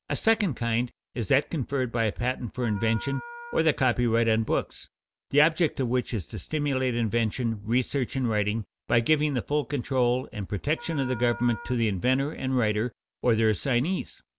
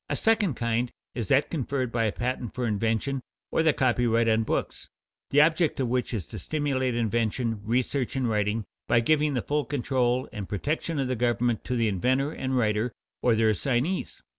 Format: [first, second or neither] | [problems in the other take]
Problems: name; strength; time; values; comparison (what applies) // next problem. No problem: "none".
second | background sound (Wind instrument, woodwind instrument); 18 dB below the speech